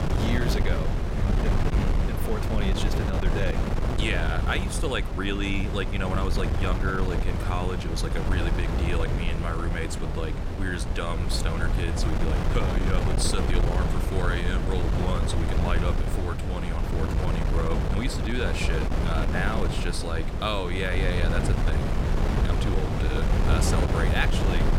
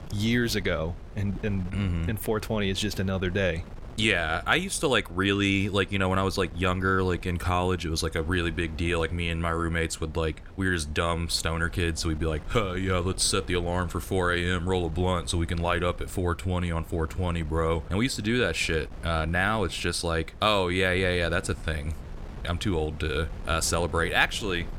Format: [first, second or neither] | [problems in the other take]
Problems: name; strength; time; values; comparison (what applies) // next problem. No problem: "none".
second | wind noise on the microphone; heavy; 2 dB below the speech; occasional gusts in the second